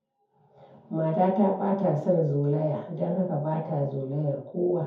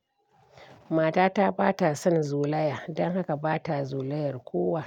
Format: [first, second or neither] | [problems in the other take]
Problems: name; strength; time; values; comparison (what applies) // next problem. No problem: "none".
second | room echo; dies away in 0.6 s